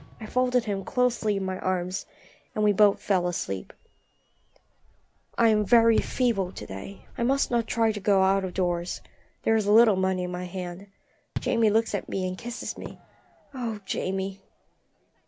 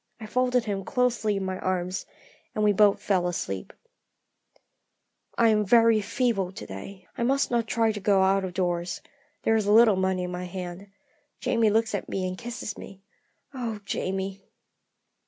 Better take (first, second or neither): second